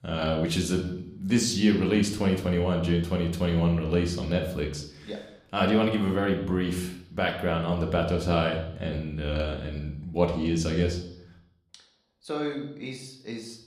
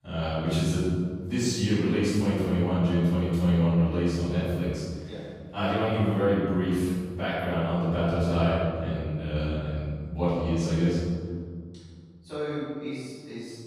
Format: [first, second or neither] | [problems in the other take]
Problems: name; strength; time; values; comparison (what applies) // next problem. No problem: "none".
first | room echo; strong; dies away in 1.9 s; slight in the first // off-mic speech; far